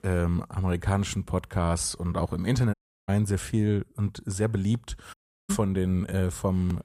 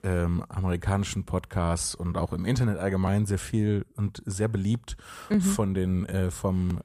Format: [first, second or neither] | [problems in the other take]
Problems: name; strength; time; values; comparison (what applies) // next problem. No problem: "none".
second | audio cutting out; at 2.5 s and at 5 s